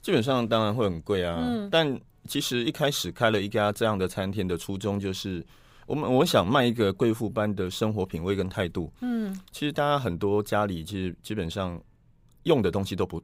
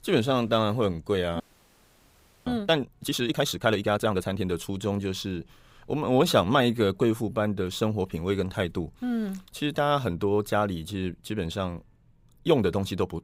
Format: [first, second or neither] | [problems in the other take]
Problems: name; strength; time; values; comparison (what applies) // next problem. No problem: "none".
first | audio freezing; at 1.5 s for 1 s